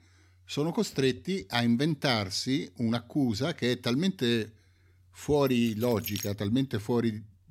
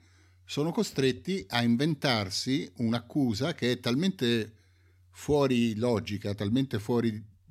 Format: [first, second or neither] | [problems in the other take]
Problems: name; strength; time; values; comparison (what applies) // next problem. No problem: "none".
second | jangling keys; noticeable; at 5.5 s; peak 8 dB below the speech